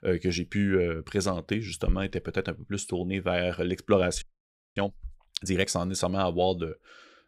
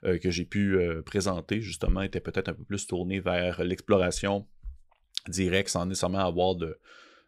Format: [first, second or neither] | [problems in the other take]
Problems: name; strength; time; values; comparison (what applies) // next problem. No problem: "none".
second | audio freezing; at 4 s for 0.5 s